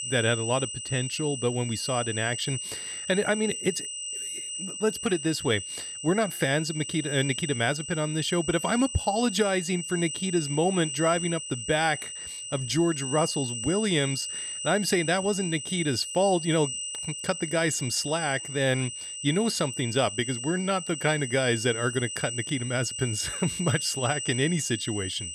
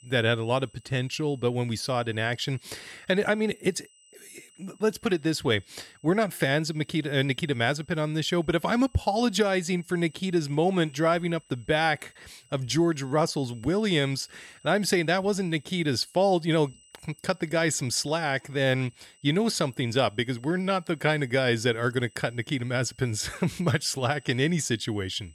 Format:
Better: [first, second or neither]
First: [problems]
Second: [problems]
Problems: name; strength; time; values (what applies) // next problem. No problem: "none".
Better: second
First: high-pitched whine; loud; throughout; 8 kHz, 5 dB below the speech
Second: high-pitched whine; faint; throughout; 8 kHz, 30 dB below the speech